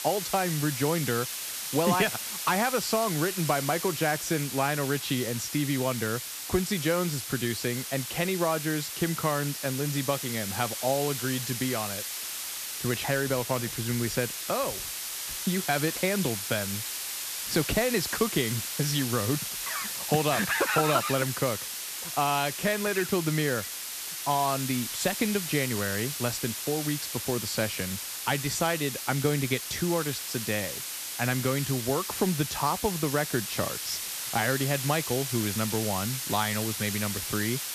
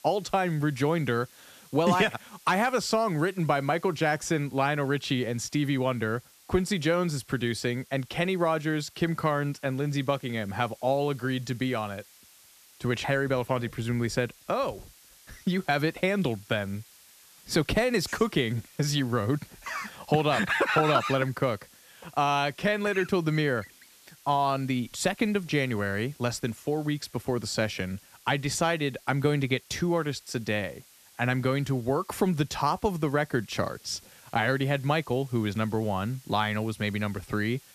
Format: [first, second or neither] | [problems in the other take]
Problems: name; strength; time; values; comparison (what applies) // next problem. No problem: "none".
second | hiss; loud; throughout; 3 dB below the speech; faint in the second